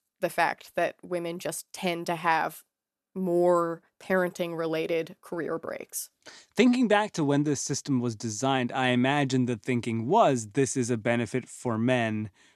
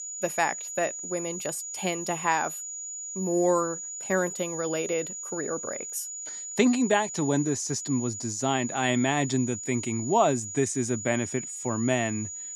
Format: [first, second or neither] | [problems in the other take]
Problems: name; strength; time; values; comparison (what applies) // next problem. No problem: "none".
first | high-pitched whine; loud; throughout; 7 kHz, 6 dB below the speech